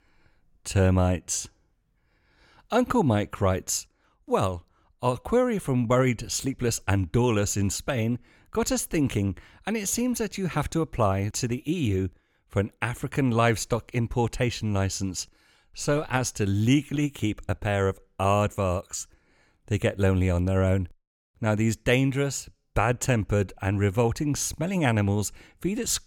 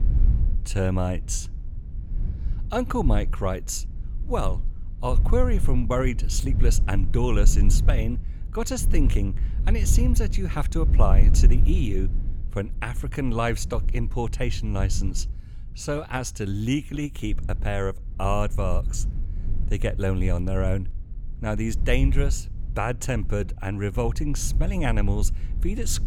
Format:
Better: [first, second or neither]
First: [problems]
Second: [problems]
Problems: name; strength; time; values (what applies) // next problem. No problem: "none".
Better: first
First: none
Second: low rumble; noticeable; throughout; 15 dB below the speech